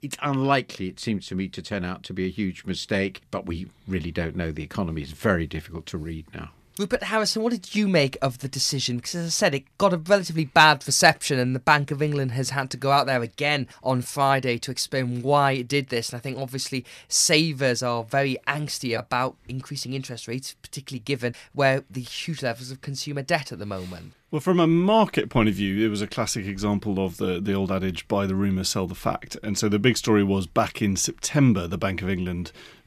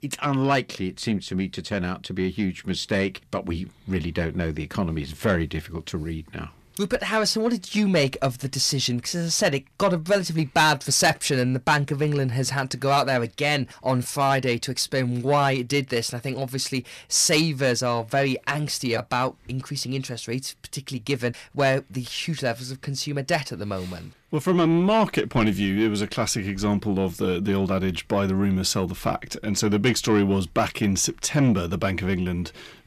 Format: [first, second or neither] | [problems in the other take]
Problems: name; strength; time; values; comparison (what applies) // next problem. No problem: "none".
first | distortion; slight; 10 dB below the speech